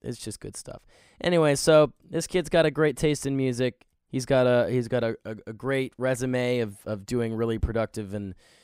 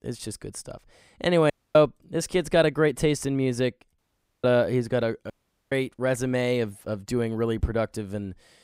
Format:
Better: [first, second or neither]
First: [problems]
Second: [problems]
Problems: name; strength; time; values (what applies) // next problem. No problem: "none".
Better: first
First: none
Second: audio cutting out; at 1.5 s, at 4 s and at 5.5 s